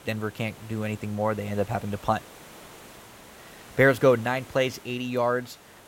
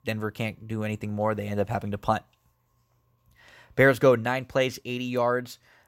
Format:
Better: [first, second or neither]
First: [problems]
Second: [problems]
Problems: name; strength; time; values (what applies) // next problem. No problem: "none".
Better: second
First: hiss; faint; throughout; 20 dB below the speech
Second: none